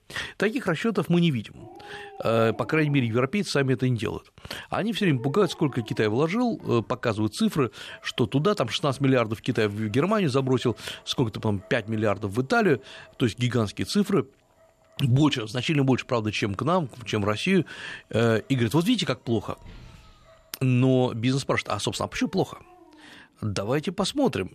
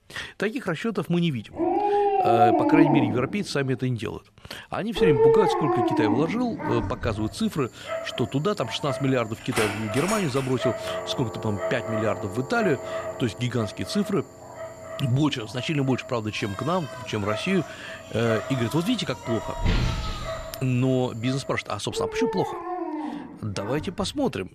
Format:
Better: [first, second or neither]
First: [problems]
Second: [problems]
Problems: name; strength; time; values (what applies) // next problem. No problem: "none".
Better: first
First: animal sounds; faint; throughout; 25 dB below the speech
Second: animal sounds; loud; throughout; as loud as the speech